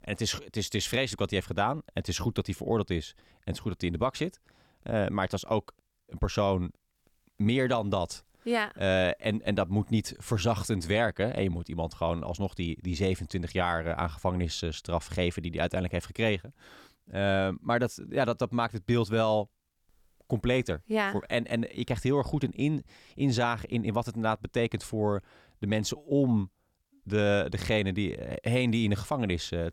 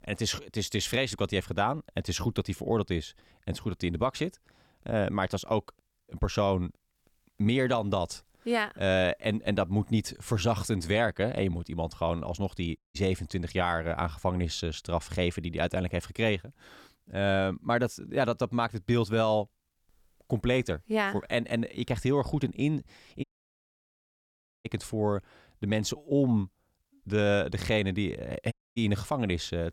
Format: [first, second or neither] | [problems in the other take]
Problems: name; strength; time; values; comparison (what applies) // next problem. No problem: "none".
first | audio cutting out; at 13 s, at 23 s for 1.5 s and at 29 s